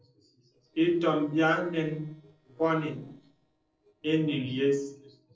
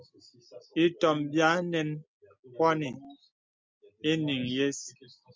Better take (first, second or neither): second